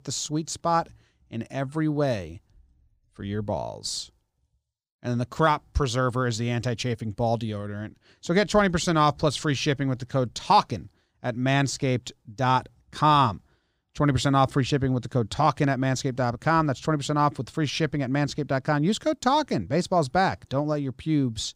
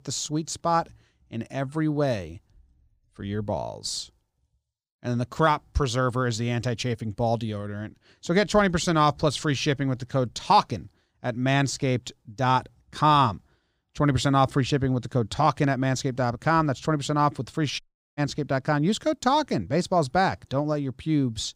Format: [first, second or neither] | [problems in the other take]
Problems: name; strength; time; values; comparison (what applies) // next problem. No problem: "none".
first | audio cutting out; at 18 s